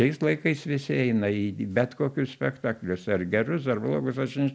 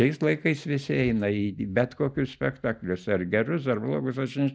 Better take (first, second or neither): first